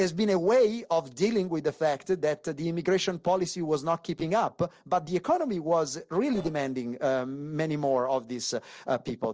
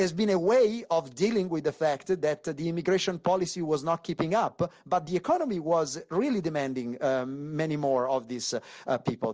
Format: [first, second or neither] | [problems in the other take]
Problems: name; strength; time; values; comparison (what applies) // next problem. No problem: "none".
second | noise reduction (neural separator model SepFormer DNS4)